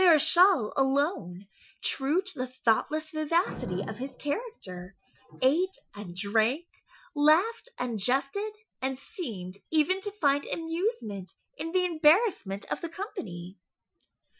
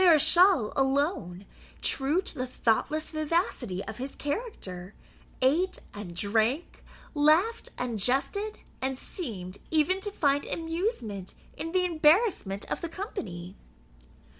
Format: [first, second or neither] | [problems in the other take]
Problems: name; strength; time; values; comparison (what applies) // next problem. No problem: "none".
second | noise reduction (classical method Wiener filter)